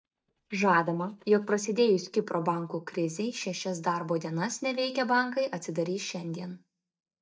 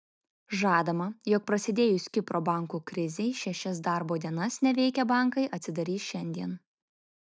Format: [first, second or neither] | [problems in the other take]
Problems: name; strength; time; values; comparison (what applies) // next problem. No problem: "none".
second | noise reduction (neural mask model DeepFilterNet 3)